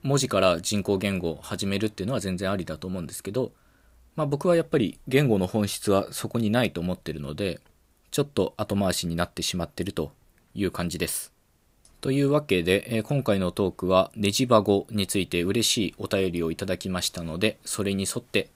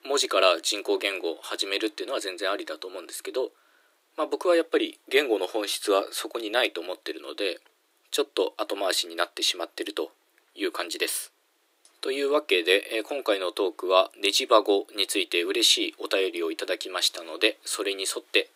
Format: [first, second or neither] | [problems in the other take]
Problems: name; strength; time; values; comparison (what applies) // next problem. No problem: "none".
first | thin; very; fading below 300 Hz